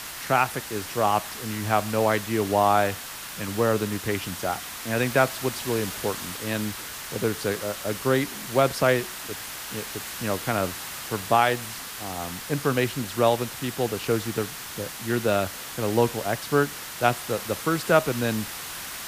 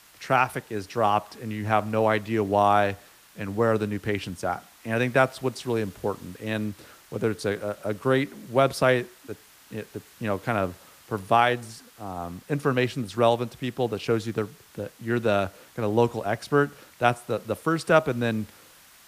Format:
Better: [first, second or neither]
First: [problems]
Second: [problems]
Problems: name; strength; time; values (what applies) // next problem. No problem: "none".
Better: second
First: hiss; loud; throughout; 8 dB below the speech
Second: hiss; faint; throughout; 25 dB below the speech